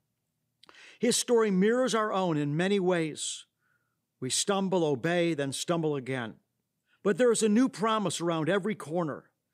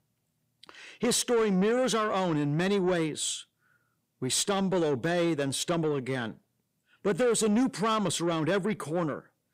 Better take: first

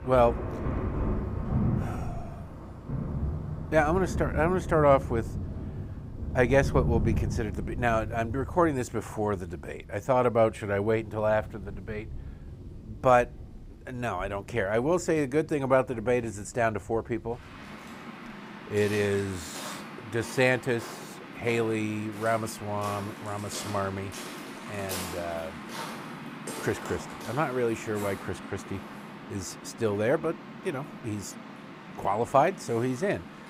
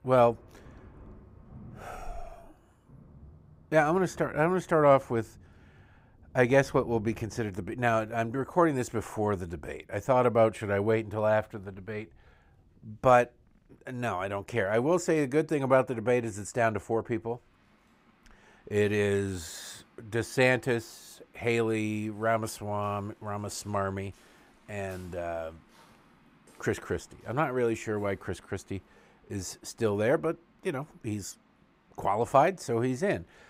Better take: second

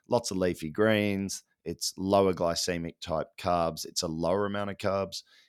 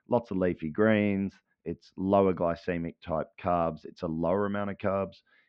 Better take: first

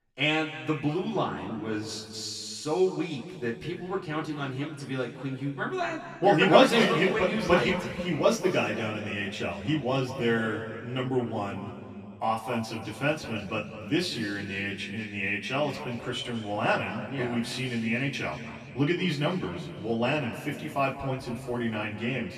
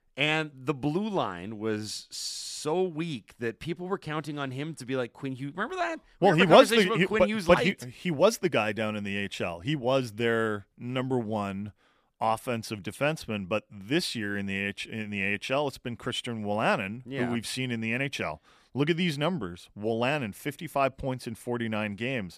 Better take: second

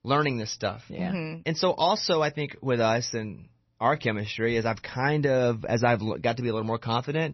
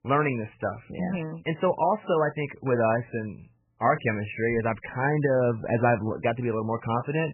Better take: first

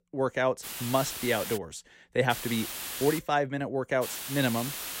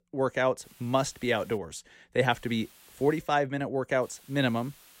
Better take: second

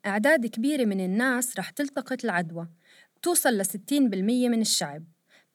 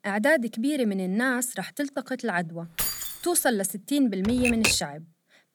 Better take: first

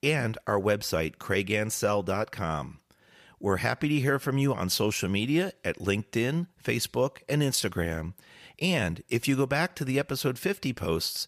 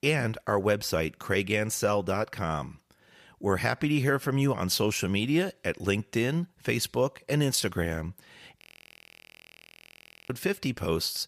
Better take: first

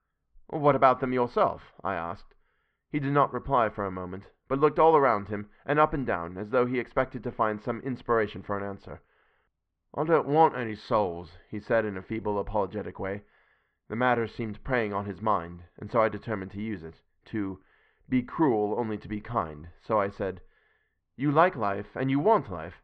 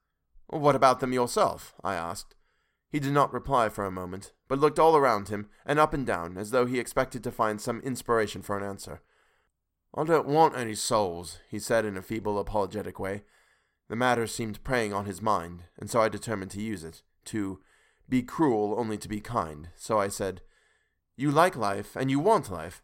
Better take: second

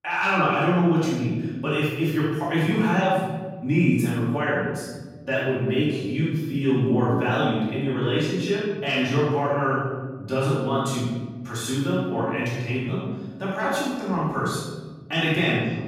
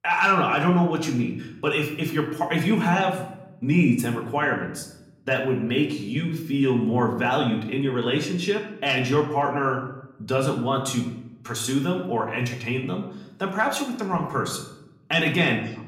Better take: second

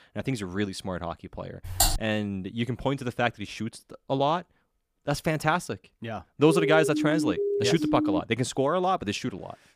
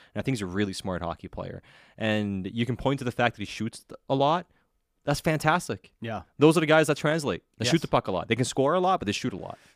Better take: second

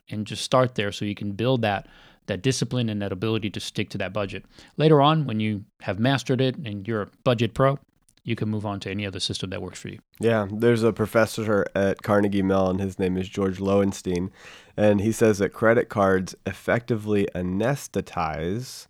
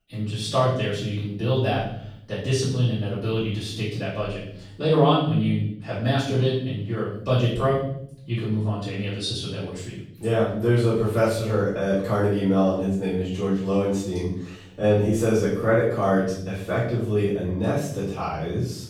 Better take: first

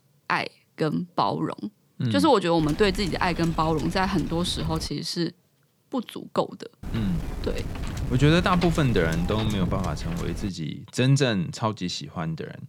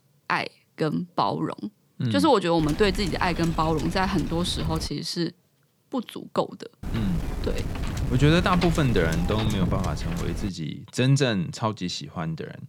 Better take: first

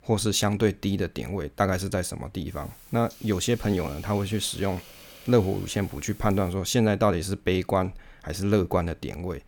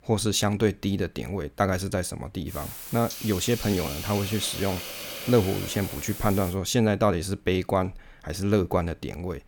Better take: first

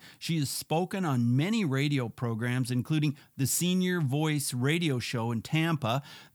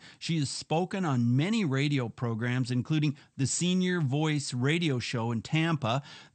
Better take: first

